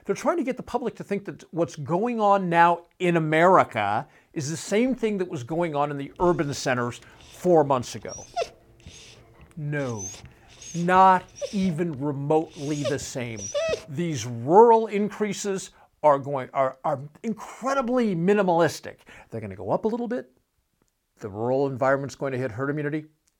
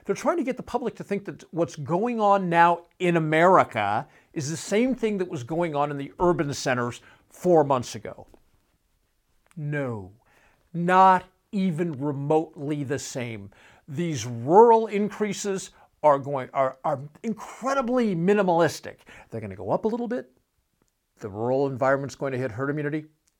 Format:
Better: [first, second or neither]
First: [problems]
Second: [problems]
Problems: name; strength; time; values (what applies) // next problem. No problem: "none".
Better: second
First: dog barking; noticeable; from 8 to 14 s; peak 3 dB below the speech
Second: none